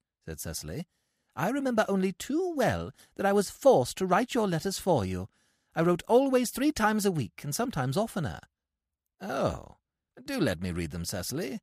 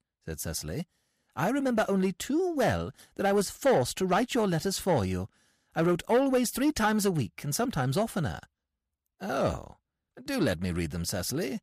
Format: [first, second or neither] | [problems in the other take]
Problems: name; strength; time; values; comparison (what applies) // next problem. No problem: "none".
first | distortion; slight; 10 dB below the speech